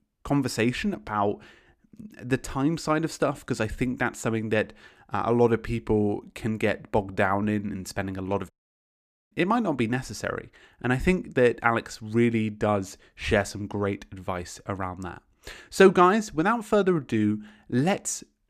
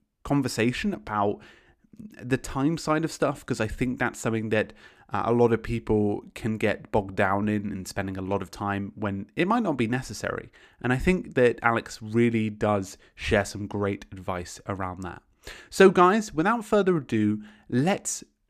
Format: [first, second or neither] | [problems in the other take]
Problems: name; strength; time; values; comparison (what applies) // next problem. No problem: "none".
second | audio cutting out; at 8.5 s for 1 s